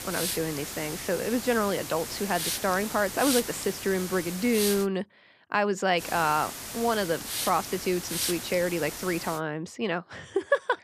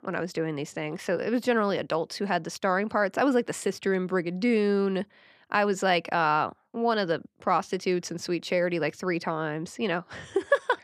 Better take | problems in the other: second | hiss; loud; until 5 s and from 6 to 9.5 s; 5 dB below the speech

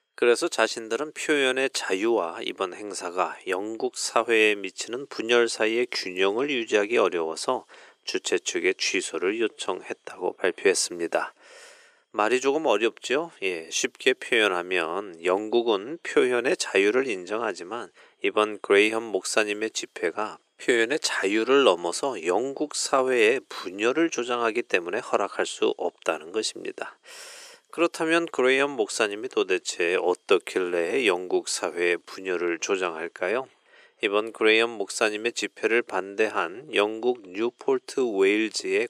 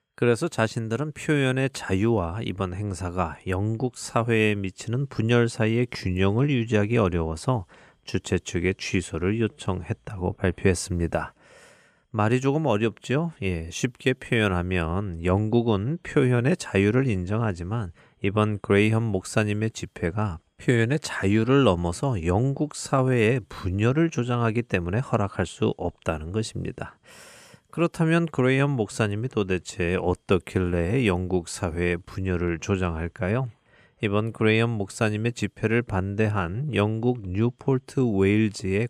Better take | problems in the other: second | thin; very; fading below 350 Hz

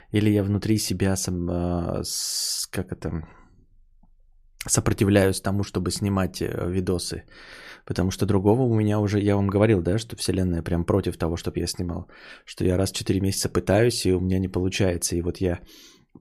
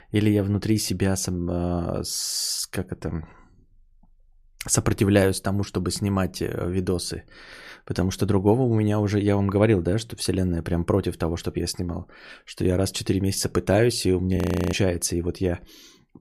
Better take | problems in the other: first | audio freezing; at 14 s

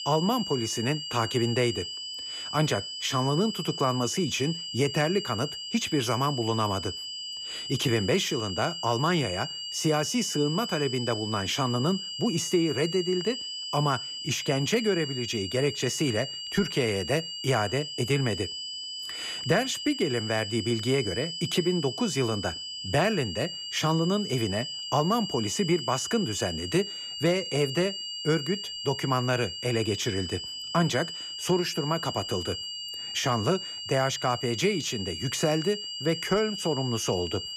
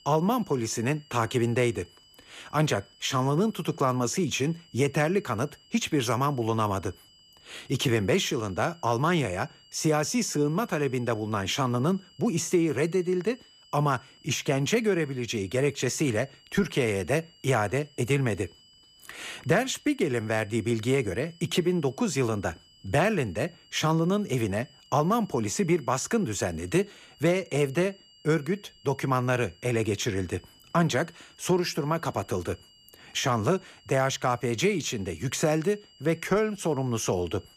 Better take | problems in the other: second | high-pitched whine; loud; throughout; 3 kHz, 6 dB below the speech; faint in the second

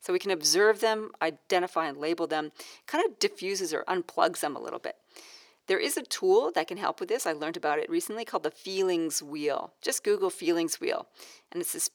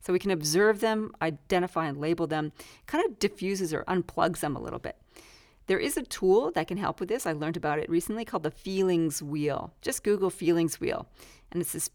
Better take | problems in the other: second | thin; somewhat; fading below 450 Hz

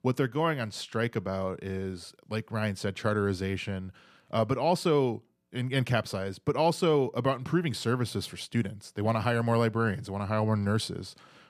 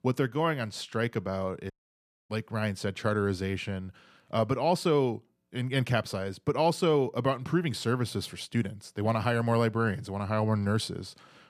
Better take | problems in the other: first | audio cutting out; at 1.5 s for 0.5 s

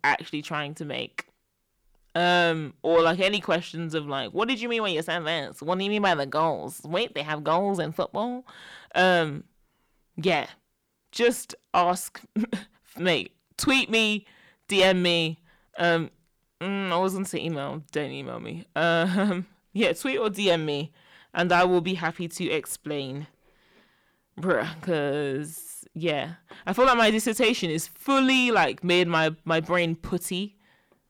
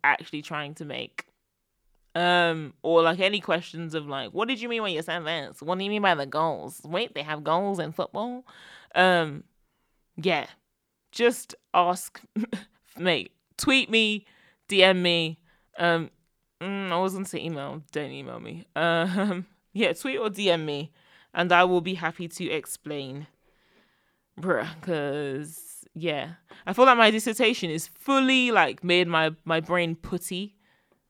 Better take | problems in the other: second | distortion; slight; 10 dB below the speech

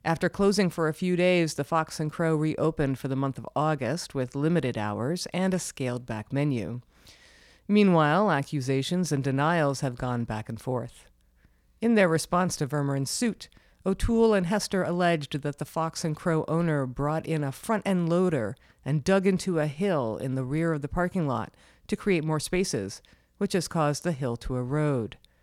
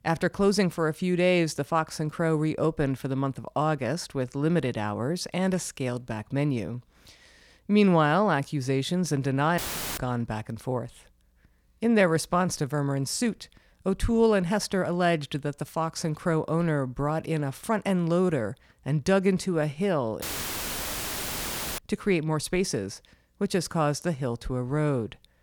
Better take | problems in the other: first | audio cutting out; filled with static; at 9.5 s and at 20 s for 1.5 s

